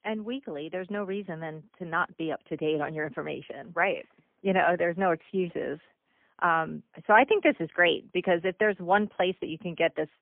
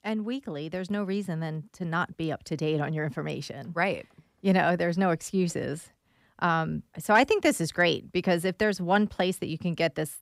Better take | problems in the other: second | phone-call audio; poor line; nothing above 3.5 kHz

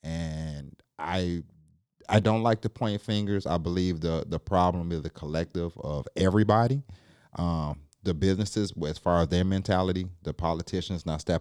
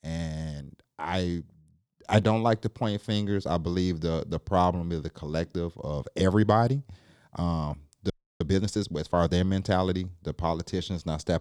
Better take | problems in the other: first | audio freezing; at 8 s

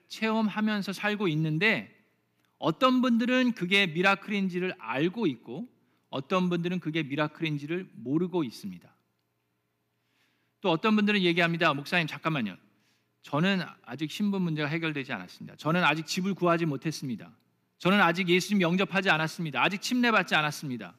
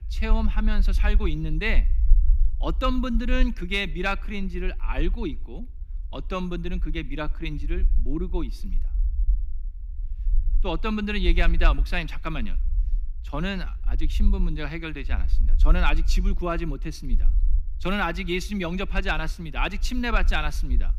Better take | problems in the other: first | low rumble; faint; throughout; 25 dB below the speech

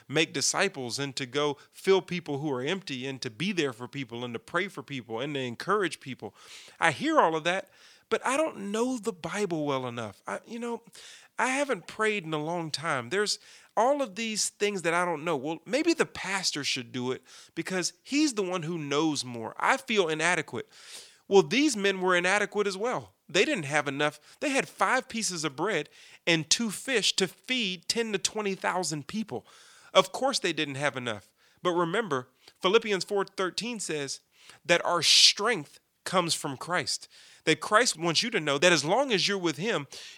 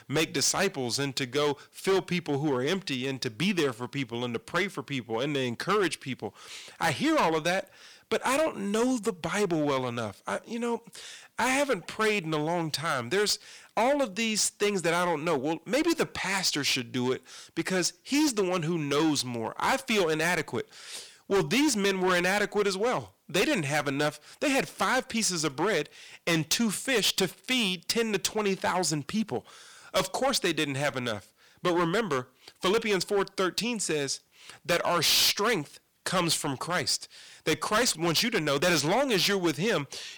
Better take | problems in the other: first | distortion; heavy; 9% of the sound clipped

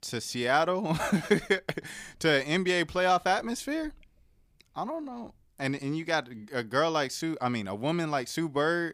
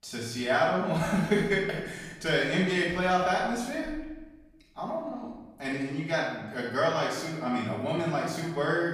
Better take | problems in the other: first | off-mic speech; far // room echo; noticeable; dies away in 1.1 s

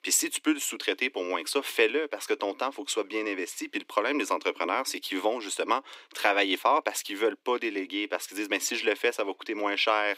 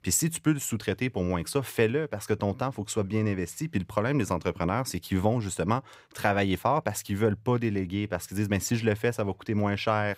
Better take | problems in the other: second | thin; somewhat; fading below 300 Hz

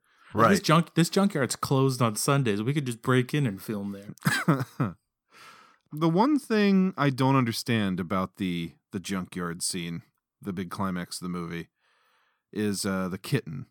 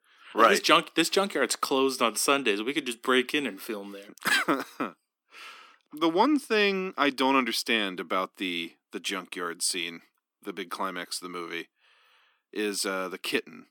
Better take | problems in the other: first | thin; somewhat; fading below 250 Hz

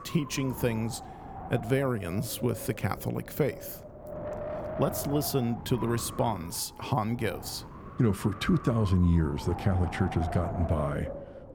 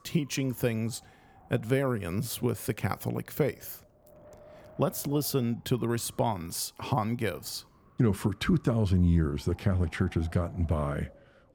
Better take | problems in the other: second | wind noise on the microphone; heavy; 7 dB below the speech; occasional gusts in the second

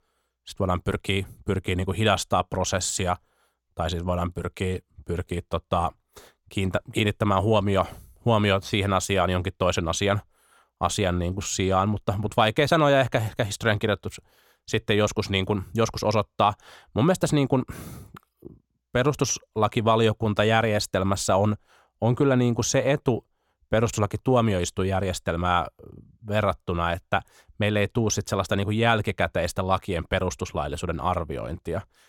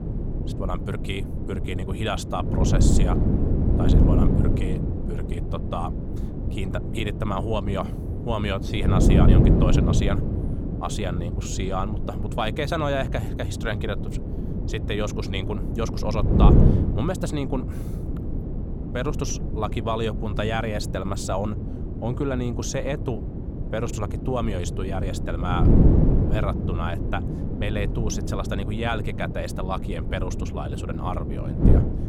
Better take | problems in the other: first | wind noise on the microphone; heavy; 3 dB below the speech

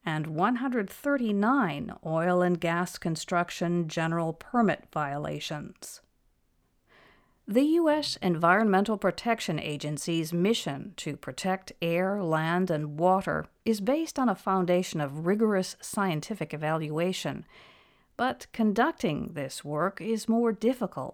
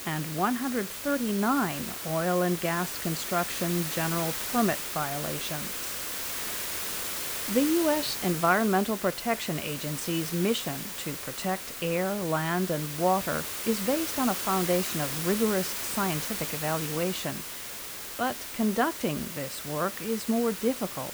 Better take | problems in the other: first | hiss; loud; throughout; 3 dB below the speech

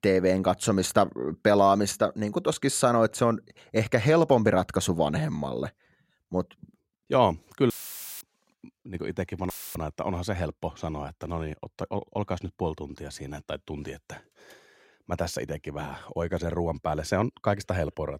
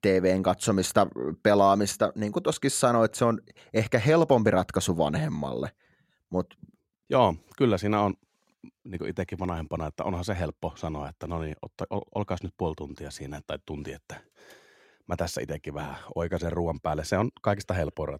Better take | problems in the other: second | audio cutting out; filled with static; at 7.5 s for 0.5 s and at 9.5 s

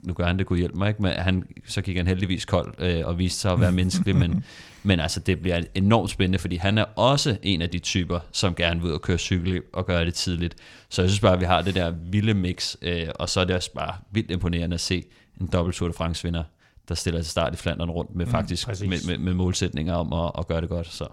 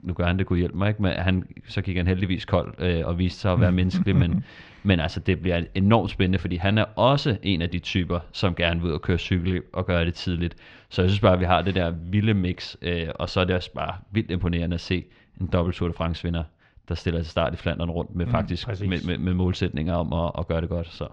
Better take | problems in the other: first | muffled; slightly; fading above 3.5 kHz

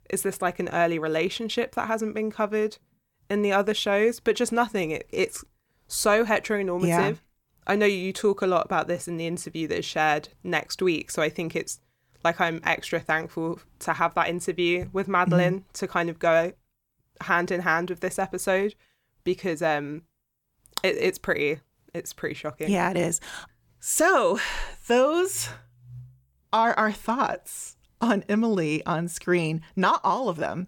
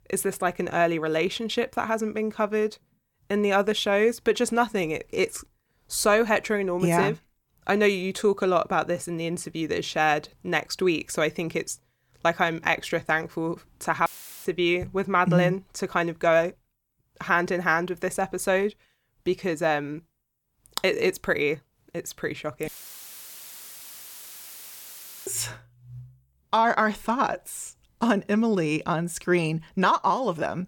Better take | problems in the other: first | audio cutting out; filled with static; at 14 s and at 23 s for 2.5 s

